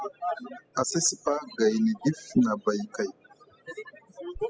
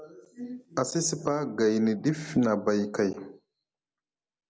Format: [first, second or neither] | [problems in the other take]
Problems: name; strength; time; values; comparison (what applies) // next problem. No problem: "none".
second | noise reduction (classical method spectral subtraction)